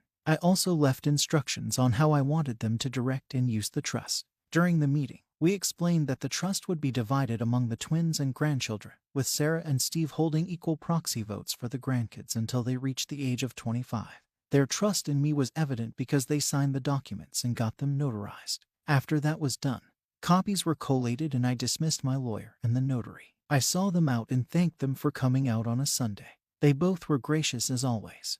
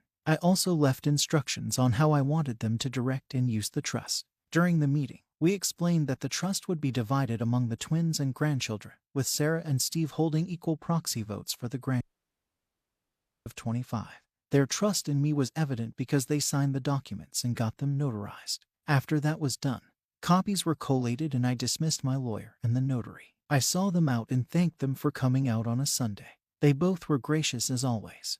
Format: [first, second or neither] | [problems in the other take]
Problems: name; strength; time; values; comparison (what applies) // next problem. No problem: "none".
first | audio cutting out; at 12 s for 1.5 s